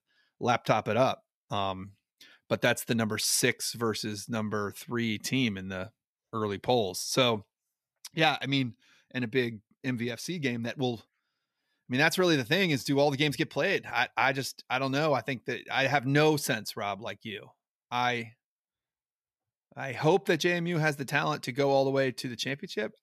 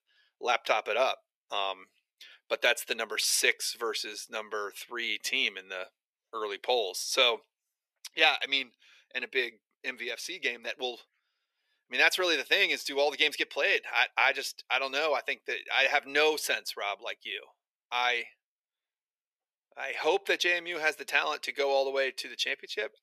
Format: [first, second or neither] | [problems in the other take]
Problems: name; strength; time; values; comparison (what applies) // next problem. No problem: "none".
first | thin; very; fading below 450 Hz